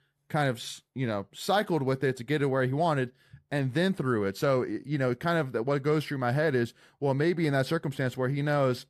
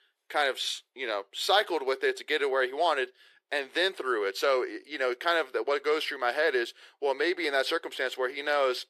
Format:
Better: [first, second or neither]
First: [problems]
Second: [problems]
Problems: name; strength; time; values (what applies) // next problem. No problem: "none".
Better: first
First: none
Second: thin; very; fading below 350 Hz